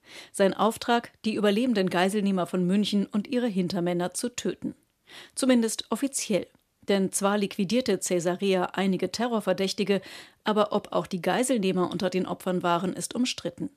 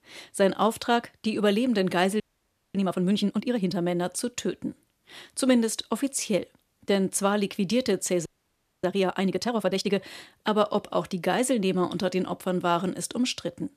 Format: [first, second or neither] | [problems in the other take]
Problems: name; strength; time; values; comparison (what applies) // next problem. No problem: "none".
first | audio freezing; at 2 s for 0.5 s and at 8.5 s for 0.5 s